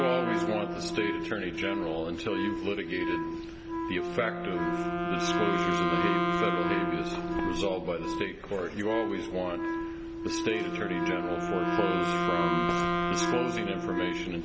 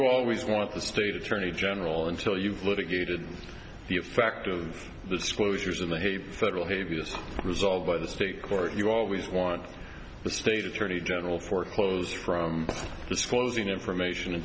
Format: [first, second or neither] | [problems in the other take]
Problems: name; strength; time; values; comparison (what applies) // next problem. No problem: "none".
second | background sound (Wind instrument, woodwind instrument + Wind instrument, woodwind instrument); 3 dB above the speech